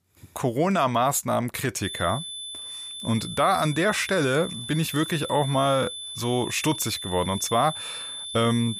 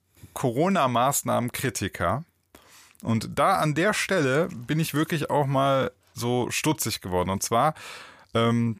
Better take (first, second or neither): second